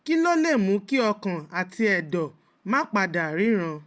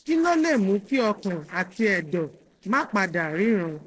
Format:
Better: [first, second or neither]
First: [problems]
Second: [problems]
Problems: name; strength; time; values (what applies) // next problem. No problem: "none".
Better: first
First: none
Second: noise reduction (neural separator model SepFormer DNS4)